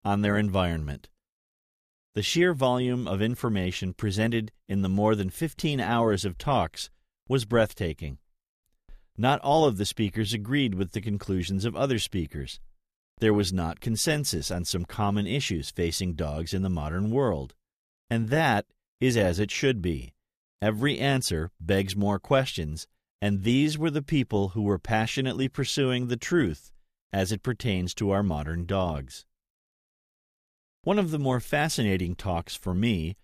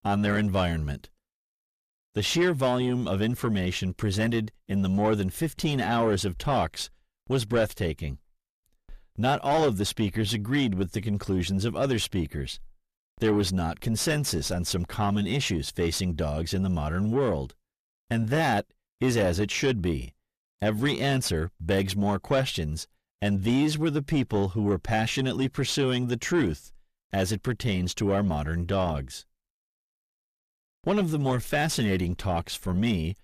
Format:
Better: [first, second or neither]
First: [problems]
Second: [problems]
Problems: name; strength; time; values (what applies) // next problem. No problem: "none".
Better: first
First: none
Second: distortion; slight; 10 dB below the speech